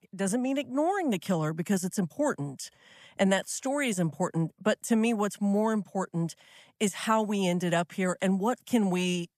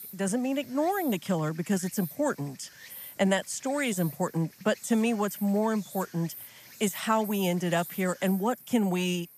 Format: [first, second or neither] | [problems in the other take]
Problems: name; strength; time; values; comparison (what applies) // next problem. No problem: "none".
first | animal sounds; noticeable; throughout; 15 dB below the speech